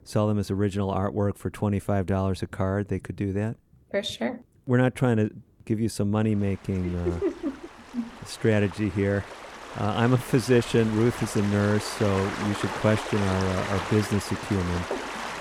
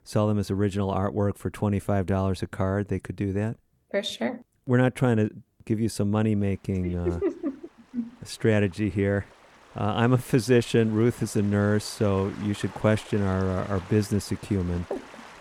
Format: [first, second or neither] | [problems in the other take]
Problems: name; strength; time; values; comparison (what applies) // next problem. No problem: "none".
second | rain or running water; loud; throughout; 9 dB below the speech; faint in the second